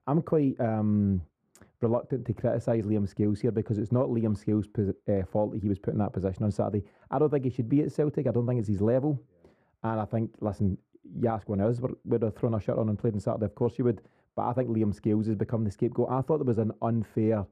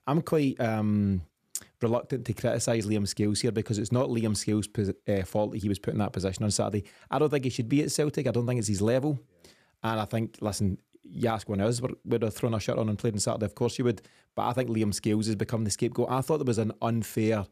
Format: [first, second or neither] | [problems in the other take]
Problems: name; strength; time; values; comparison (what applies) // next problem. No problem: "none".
second | muffled; very; fading above 2 kHz